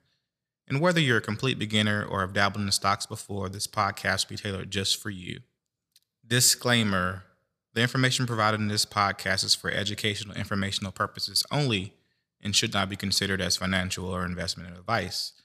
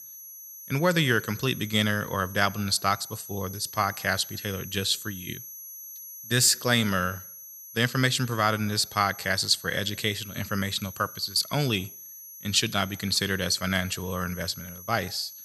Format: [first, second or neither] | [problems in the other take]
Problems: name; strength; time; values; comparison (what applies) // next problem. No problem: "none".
first | high-pitched whine; noticeable; throughout; 11.5 kHz, 15 dB below the speech